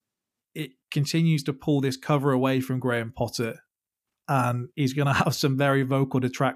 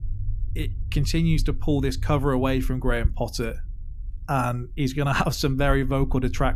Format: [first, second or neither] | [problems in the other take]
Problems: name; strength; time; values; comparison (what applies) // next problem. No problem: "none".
first | low rumble; faint; throughout; 25 dB below the speech